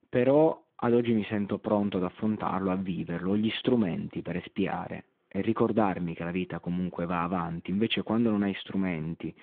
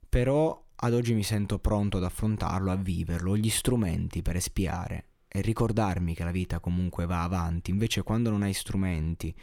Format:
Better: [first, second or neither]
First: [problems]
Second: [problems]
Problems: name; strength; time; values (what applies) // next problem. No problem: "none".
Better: second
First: phone-call audio; nothing above 3.5 kHz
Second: none